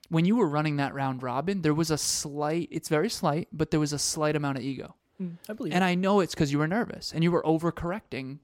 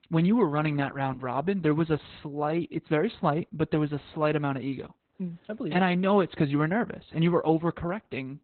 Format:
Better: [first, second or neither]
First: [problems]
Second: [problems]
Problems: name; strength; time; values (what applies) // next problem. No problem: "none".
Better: first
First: none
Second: garbled, watery; badly; nothing above 4 kHz